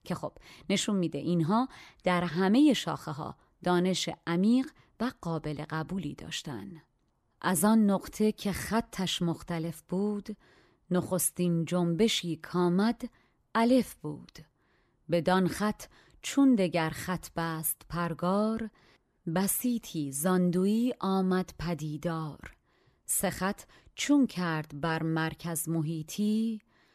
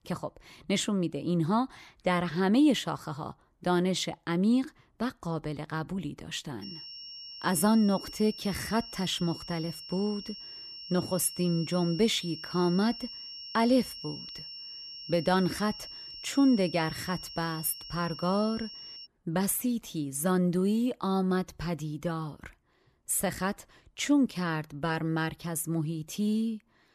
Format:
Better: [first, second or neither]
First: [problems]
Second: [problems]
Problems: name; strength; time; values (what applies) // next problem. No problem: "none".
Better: first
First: none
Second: high-pitched whine; noticeable; from 6.5 to 19 s; 5.5 kHz, 10 dB below the speech